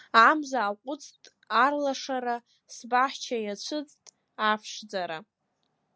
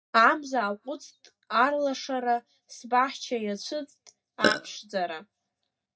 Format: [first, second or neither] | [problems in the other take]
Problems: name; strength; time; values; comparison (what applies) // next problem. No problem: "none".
first | noise reduction (neural mask model DeepFilterNet 3)